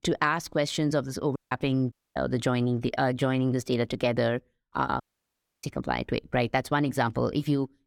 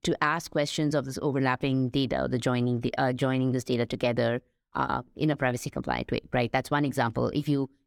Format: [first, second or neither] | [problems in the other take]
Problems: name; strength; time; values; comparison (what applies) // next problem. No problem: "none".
second | audio cutting out; at 1.5 s, at 2 s and at 5 s for 0.5 s